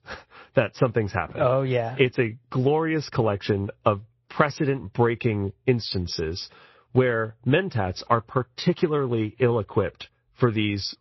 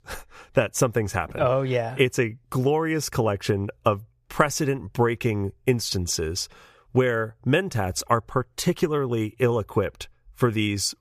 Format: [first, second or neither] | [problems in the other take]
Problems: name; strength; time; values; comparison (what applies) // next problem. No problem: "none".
second | garbled, watery; slightly; nothing above 5.5 kHz